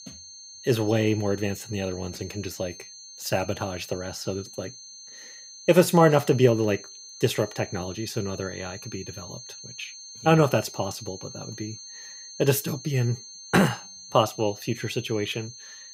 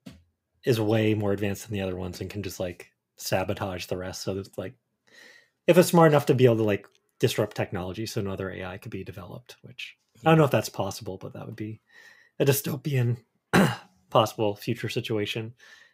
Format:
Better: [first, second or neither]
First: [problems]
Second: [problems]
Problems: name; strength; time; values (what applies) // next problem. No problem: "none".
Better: second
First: high-pitched whine; noticeable; throughout; 6.5 kHz, 15 dB below the speech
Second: none